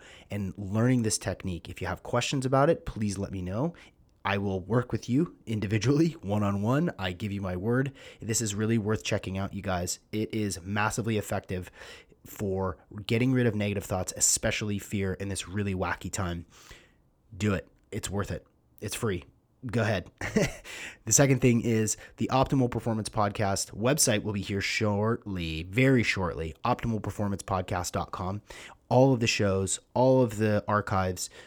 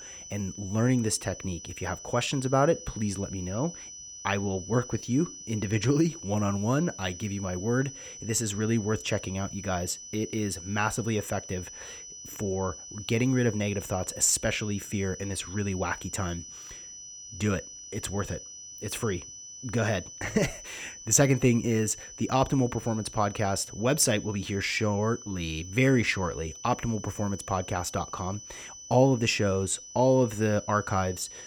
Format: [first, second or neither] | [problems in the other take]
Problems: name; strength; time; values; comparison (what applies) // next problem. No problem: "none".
first | high-pitched whine; noticeable; throughout; 6 kHz, 15 dB below the speech